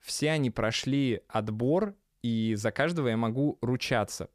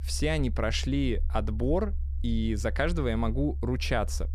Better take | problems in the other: first | low rumble; faint; throughout; 20 dB below the speech

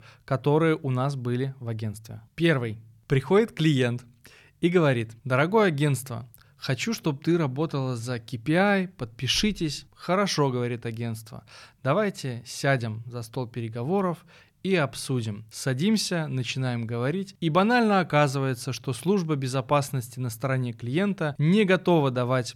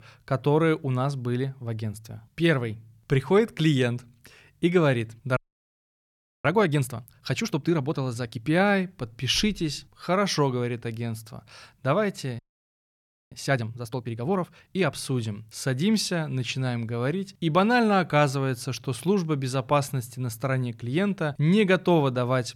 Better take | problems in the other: first | audio freezing; at 5.5 s for 1 s and at 12 s for 1 s

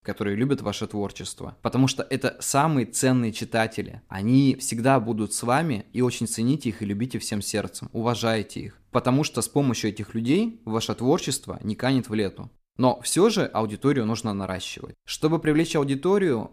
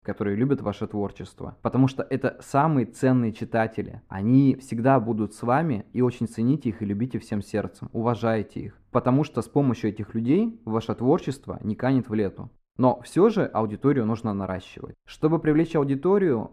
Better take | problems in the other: first | muffled; very; fading above 2.5 kHz

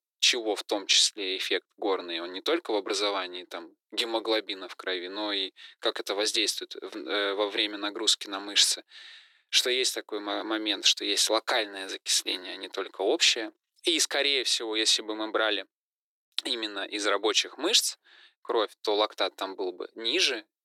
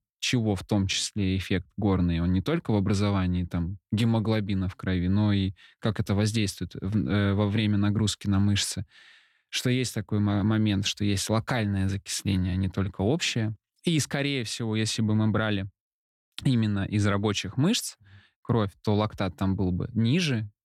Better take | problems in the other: second | thin; very; fading below 350 Hz

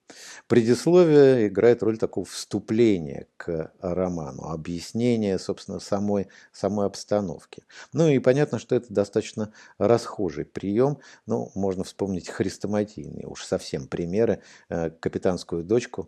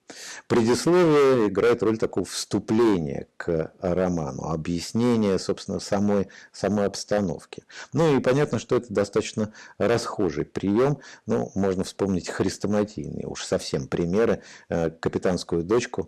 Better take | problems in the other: first | distortion; heavy; 8% of the sound clipped

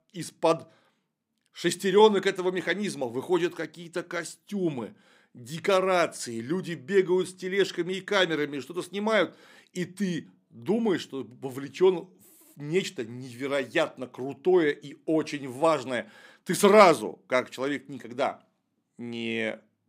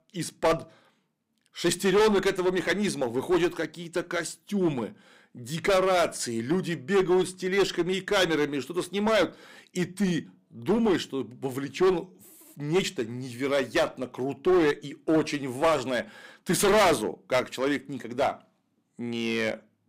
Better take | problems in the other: first | distortion; heavy; 7% of the sound clipped

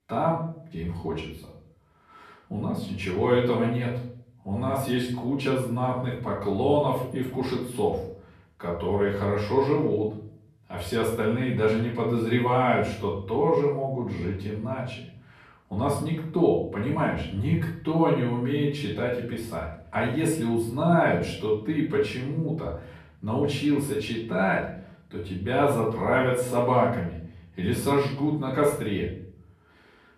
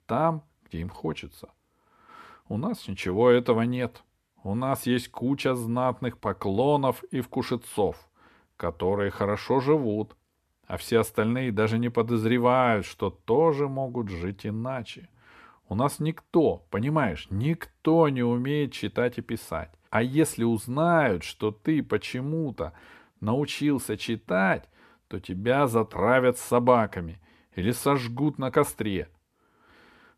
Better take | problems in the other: second | off-mic speech; far // room echo; noticeable; dies away in 0.6 s

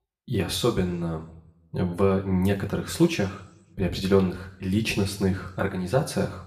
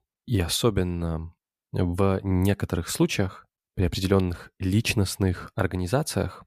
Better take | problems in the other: second | room echo; slight; dies away in 0.6 s // off-mic speech; somewhat distant

